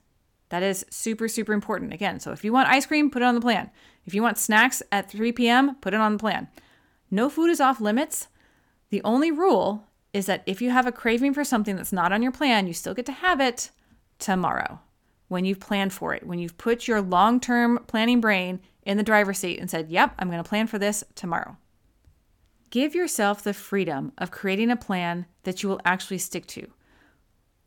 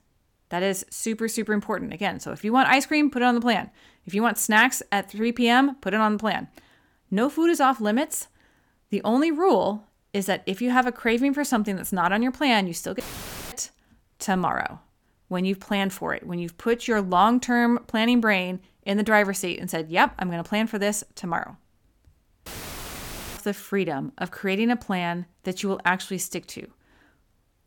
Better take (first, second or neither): first